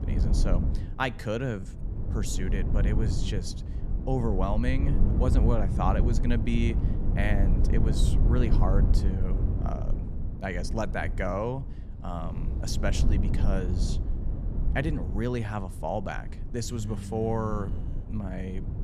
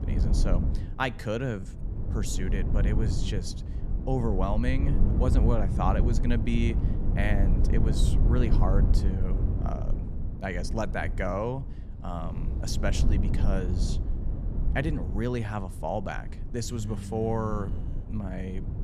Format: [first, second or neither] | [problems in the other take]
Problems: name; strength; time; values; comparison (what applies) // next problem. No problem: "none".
neither | low rumble; loud; throughout; 8 dB below the speech; the same in both